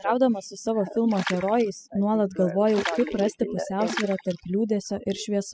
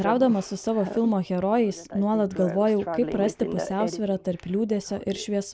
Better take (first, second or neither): second